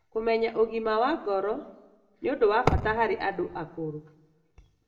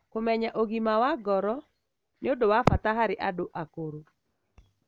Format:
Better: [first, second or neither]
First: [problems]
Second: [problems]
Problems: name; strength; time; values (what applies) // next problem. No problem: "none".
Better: second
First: room echo; dies away in 0.6 s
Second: none